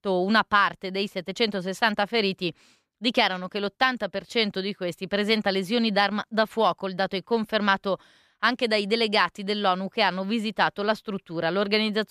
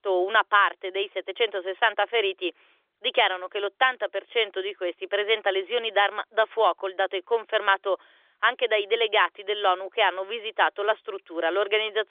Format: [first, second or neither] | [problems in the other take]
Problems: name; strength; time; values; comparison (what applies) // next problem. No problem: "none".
first | phone-call audio; nothing above 3.5 kHz